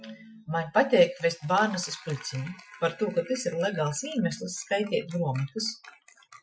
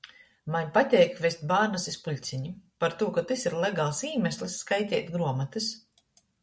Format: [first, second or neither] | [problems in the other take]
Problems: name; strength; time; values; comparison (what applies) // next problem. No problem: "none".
second | noise reduction (classical method Wiener filter)